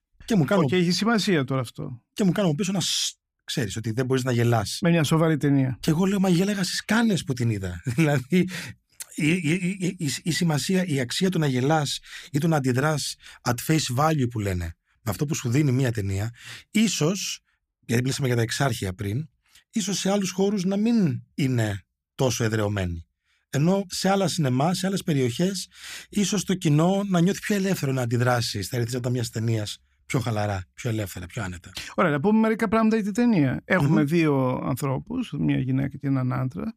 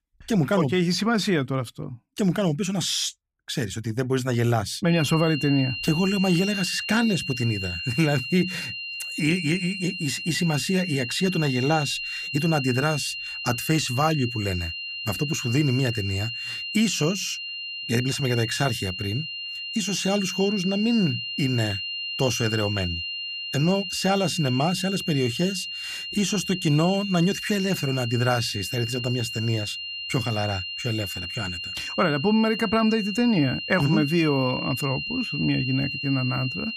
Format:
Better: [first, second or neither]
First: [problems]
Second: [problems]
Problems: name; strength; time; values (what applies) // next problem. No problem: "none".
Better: first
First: none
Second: high-pitched whine; loud; from 5 s on; 3 kHz, 5 dB below the speech